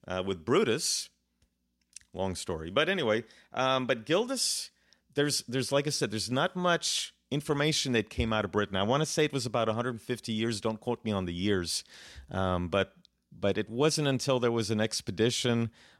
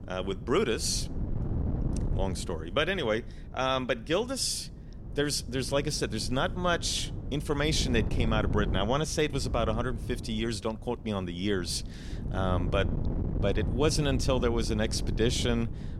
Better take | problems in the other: first | wind noise on the microphone; occasional gusts; 15 dB below the speech

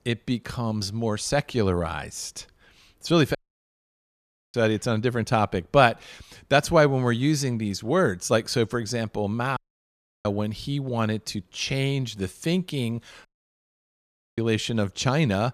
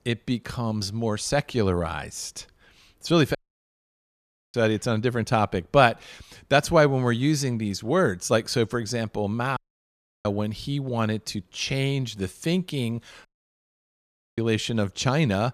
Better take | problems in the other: neither | audio cutting out; at 3.5 s for 1 s, at 9.5 s for 0.5 s and at 13 s for 1 s; the same in both

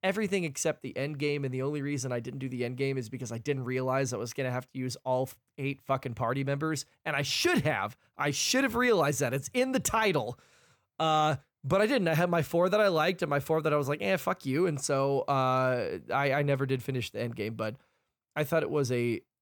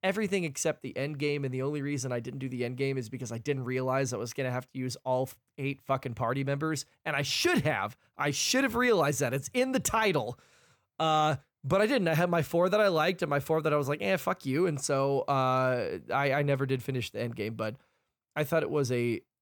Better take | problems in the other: neither | none

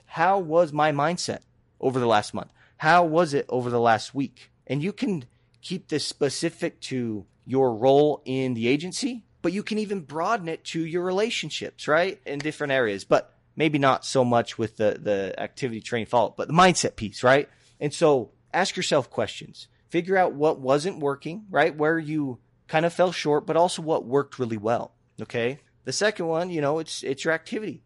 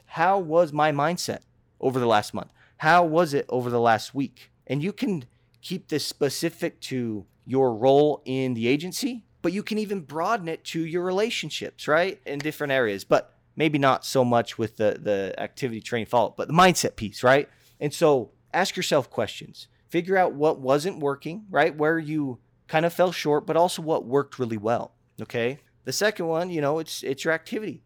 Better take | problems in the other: second | garbled, watery; slightly; nothing above 11 kHz

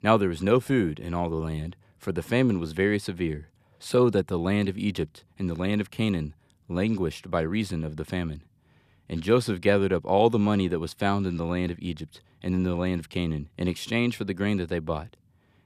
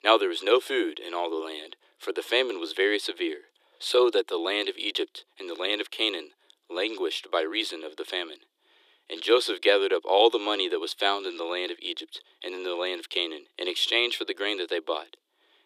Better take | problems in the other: first | thin; very; fading below 300 Hz

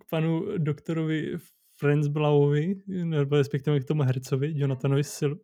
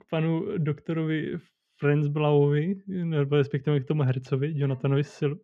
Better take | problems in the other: first | muffled; slightly; fading above 3 kHz

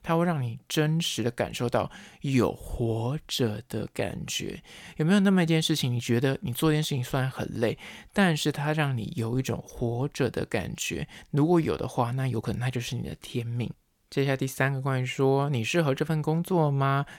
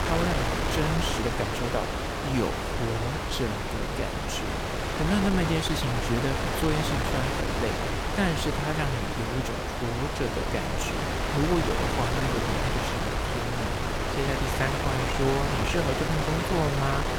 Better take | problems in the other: first | wind noise on the microphone; heavy; 4 dB above the speech

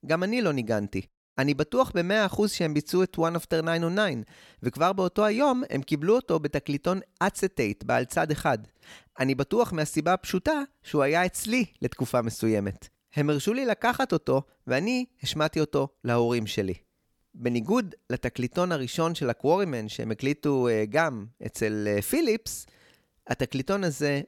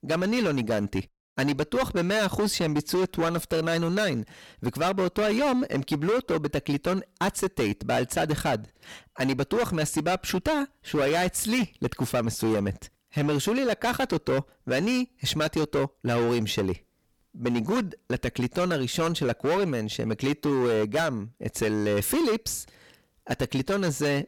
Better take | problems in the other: first | distortion; heavy; 16% of the sound clipped

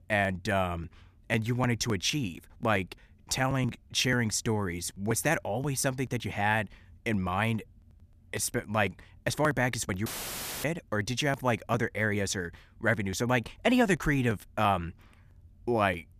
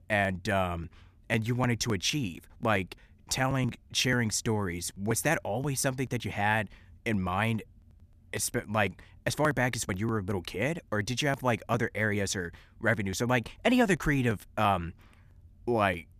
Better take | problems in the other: second | audio cutting out; filled with static; at 10 s for 0.5 s

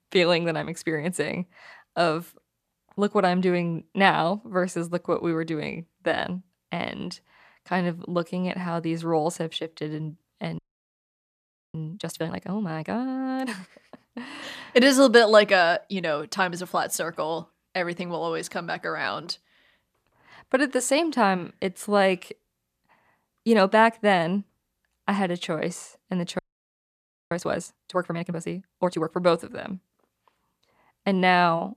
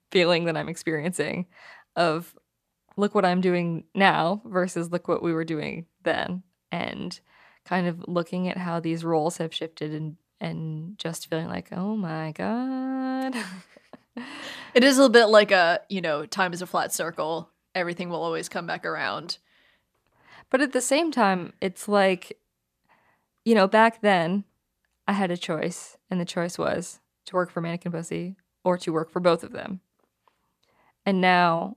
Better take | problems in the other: second | audio freezing; at 11 s for 1 s and at 26 s for 1 s

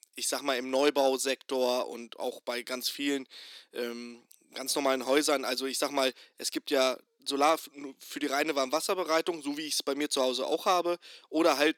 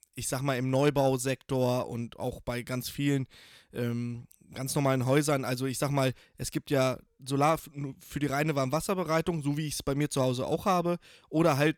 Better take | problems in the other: second | thin; somewhat; fading below 300 Hz

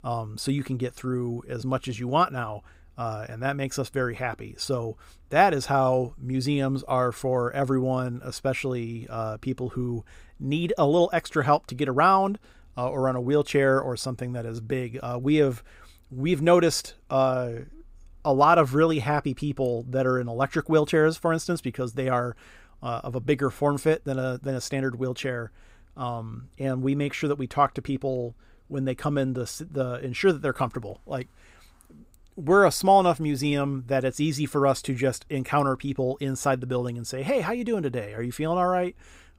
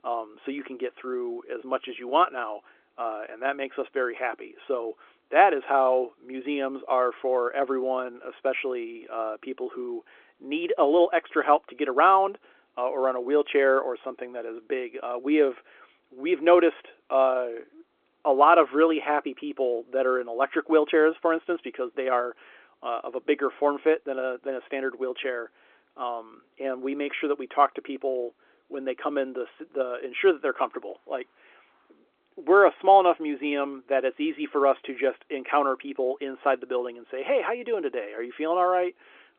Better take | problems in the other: first | phone-call audio; nothing above 3.5 kHz

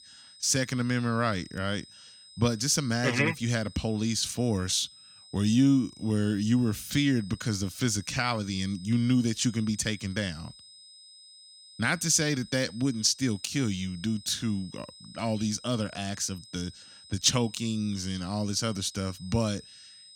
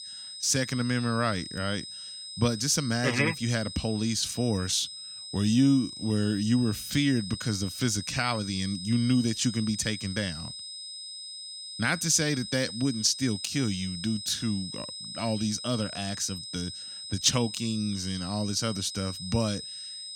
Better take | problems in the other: first | high-pitched whine; loud; throughout; 5 kHz, 9 dB below the speech; faint in the first

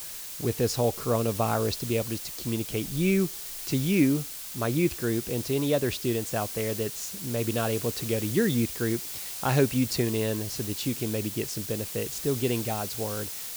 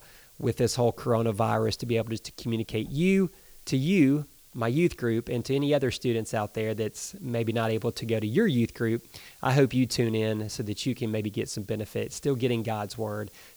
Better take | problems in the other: second | hiss; loud; throughout; 6 dB below the speech; faint in the second

